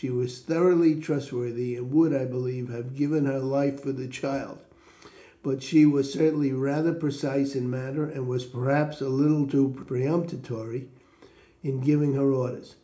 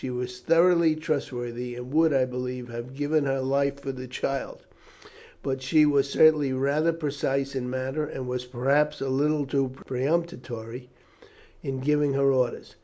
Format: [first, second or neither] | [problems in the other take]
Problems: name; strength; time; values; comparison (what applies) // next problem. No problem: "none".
second | room echo; dies away in 0.4 s